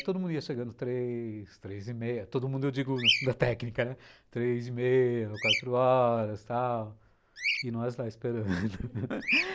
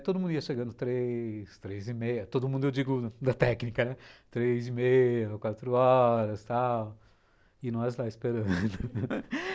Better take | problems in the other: second | noise reduction (neural mask model Resemble Enhance denoiser)

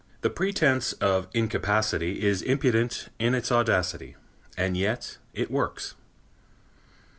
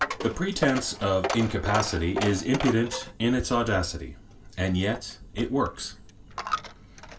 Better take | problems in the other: first | background sound (Coin (dropping)); 8 dB below the speech // room echo; dies away in 0.2 s

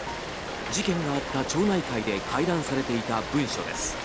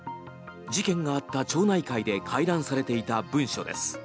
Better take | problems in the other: second | background sound (Rain); 6 dB below the speech

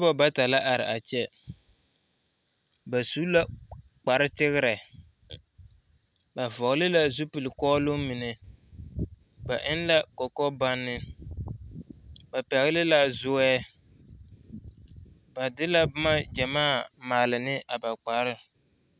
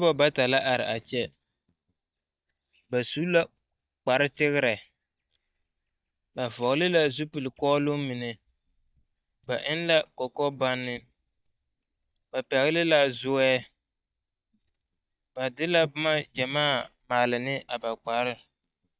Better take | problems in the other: first | noise reduction (neural mask model DeepFilterNet 3)

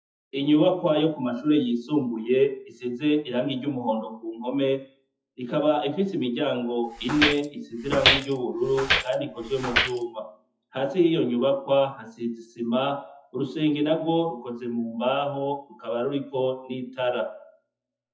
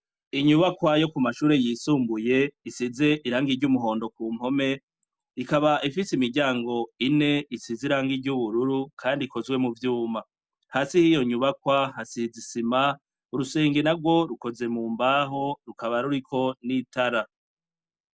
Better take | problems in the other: second | noise reduction (classical method WPE with log-MMSE)

